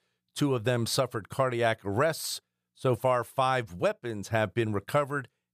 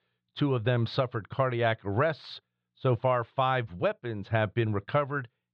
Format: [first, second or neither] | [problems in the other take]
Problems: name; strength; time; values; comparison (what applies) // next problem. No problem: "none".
first | muffled; slightly; fading above 3.5 kHz